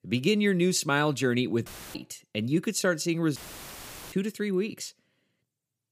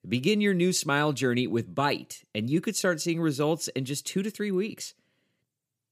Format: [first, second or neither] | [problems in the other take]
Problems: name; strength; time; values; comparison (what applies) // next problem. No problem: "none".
second | audio cutting out; filled with static; at 1.5 s and at 3.5 s for 1 s